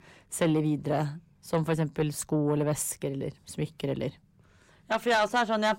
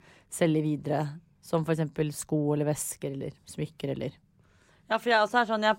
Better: second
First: distortion; slight; 10 dB below the speech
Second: none

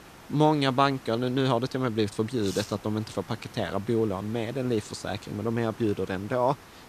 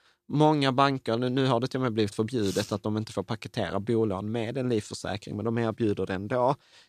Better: second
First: hiss; faint; throughout; 20 dB below the speech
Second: none

